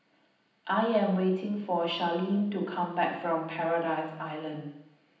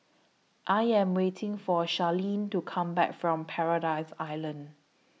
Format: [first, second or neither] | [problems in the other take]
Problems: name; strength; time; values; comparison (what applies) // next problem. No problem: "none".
second | room echo; dies away in 0.9 s